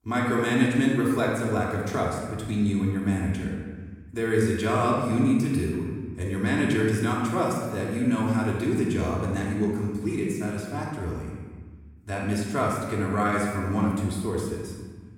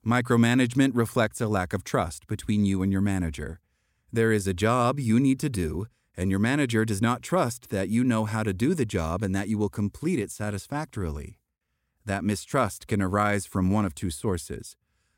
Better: second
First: off-mic speech; far // room echo; noticeable; dies away in 1.3 s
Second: none

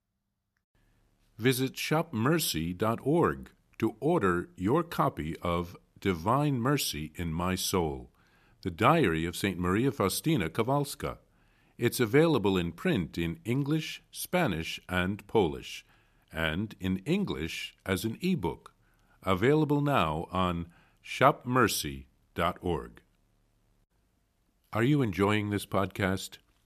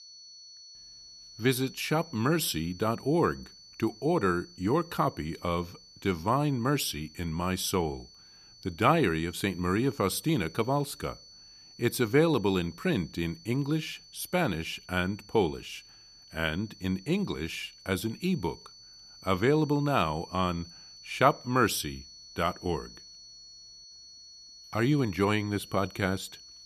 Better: first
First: none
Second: high-pitched whine; noticeable; throughout; 4.5 kHz, 20 dB below the speech

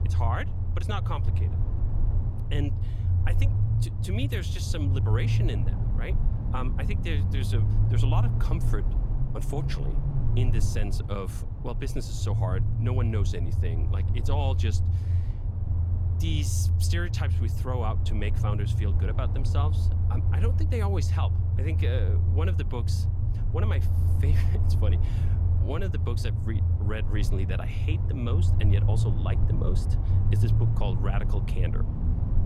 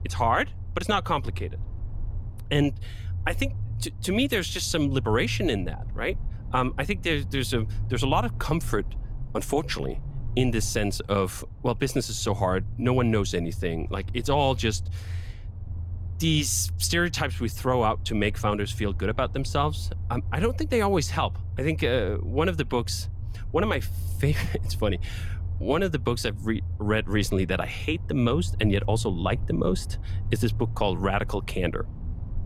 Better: second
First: low rumble; loud; throughout; 3 dB below the speech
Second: low rumble; faint; throughout; 20 dB below the speech

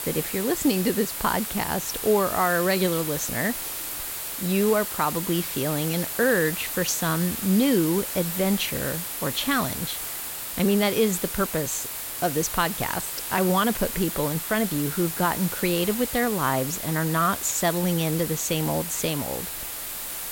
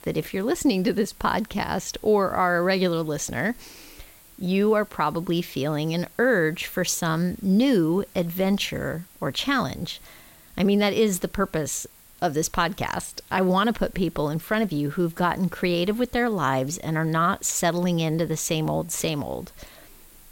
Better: second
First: hiss; loud; throughout; 4 dB below the speech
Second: hiss; faint; throughout; 25 dB below the speech

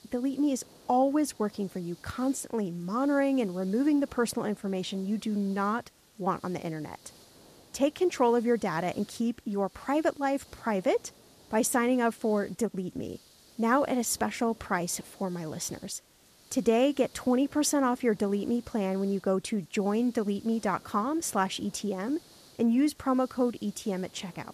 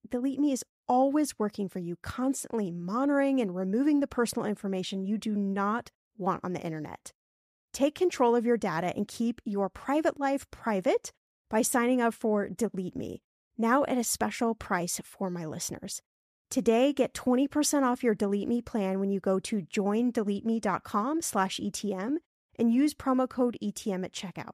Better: second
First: hiss; faint; throughout; 25 dB below the speech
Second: none

